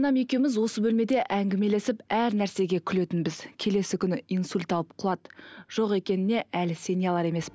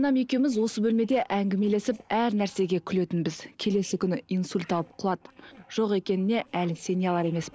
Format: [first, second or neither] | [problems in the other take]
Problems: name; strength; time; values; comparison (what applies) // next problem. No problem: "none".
first | noise reduction (neural separator model SepFormer DNS4)